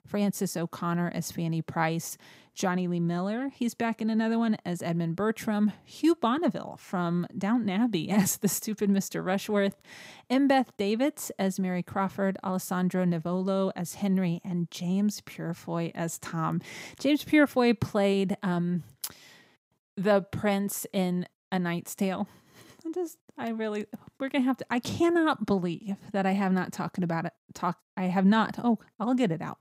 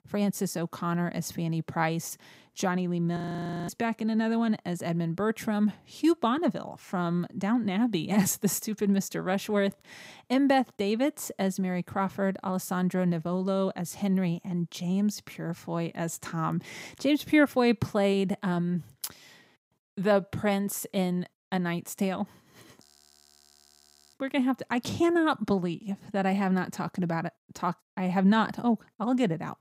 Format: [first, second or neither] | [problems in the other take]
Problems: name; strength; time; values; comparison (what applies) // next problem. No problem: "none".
first | audio freezing; at 3 s for 0.5 s and at 23 s for 1.5 s